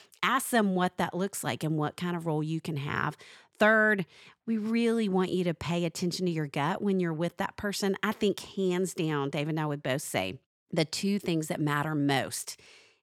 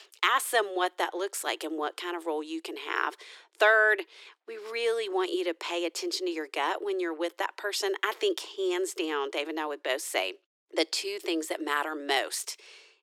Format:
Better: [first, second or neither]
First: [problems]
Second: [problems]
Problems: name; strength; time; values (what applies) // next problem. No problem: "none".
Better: first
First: none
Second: thin; very; fading below 300 Hz